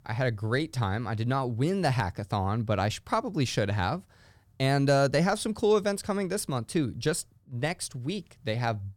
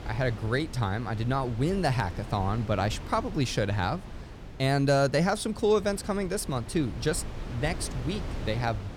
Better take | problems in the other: first | wind noise on the microphone; occasional gusts; 15 dB below the speech

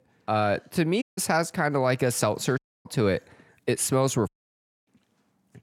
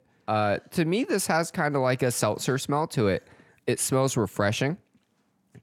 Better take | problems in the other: second | audio cutting out; at 1 s, at 2.5 s and at 4.5 s for 0.5 s

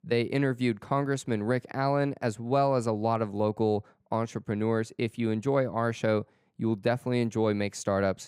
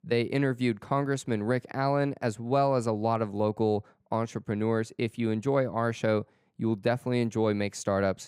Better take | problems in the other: neither | none

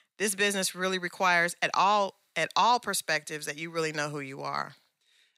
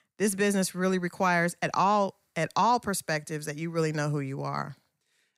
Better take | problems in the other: second | thin; somewhat; fading below 550 Hz

